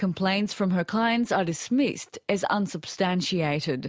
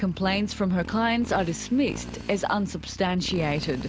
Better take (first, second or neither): first